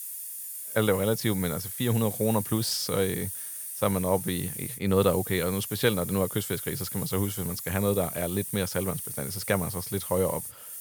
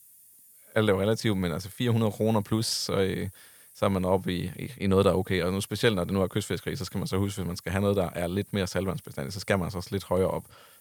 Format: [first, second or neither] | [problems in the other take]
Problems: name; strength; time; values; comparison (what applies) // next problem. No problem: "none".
second | hiss; loud; throughout; 6 dB below the speech; faint in the second